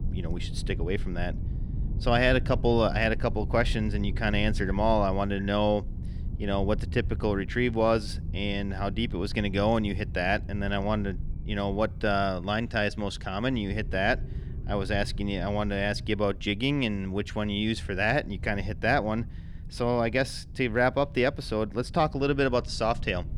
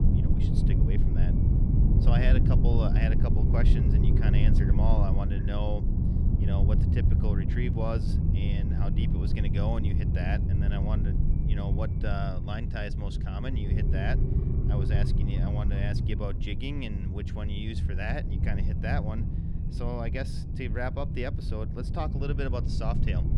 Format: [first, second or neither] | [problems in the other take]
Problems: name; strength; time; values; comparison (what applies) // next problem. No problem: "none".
first | low rumble; loud; throughout; 2 dB below the speech; faint in the first